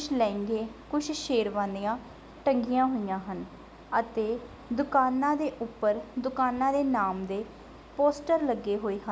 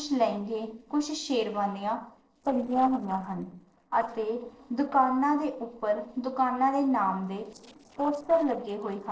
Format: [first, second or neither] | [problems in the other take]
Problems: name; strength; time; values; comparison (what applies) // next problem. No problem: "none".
first | noise reduction (neural separator model SepFormer DNS4)